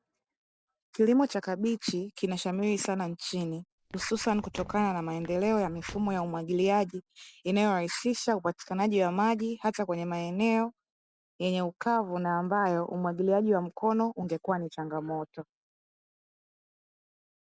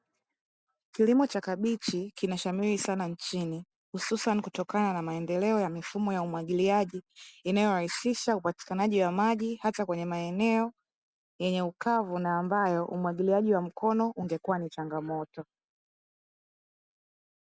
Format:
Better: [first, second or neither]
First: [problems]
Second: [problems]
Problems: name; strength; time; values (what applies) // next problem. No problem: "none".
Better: second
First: noise reduction (neural separator model SepFormer DNS4)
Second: none